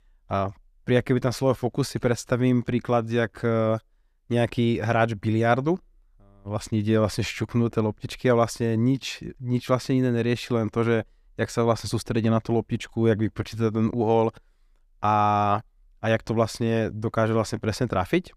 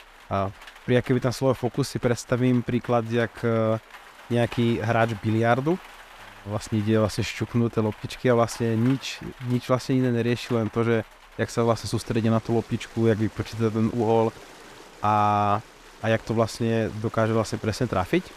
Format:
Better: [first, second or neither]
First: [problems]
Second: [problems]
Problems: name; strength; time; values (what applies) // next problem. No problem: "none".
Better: first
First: none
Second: rain or running water; faint; throughout; 20 dB below the speech